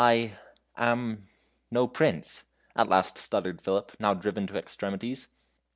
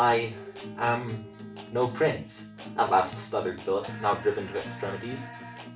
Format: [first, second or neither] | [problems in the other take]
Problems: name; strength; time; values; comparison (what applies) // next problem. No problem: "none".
first | background sound (Guitar); 12 dB below the speech // room echo; dies away in 0.3 s